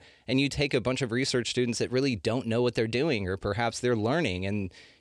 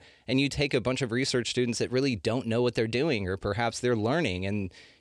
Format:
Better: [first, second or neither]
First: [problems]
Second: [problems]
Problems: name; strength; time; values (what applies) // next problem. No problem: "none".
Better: neither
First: none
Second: none